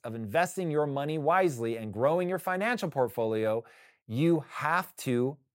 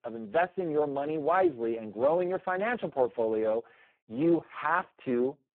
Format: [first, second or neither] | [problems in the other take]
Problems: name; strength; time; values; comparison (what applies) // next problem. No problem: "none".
first | phone-call audio; poor line; nothing above 3.5 kHz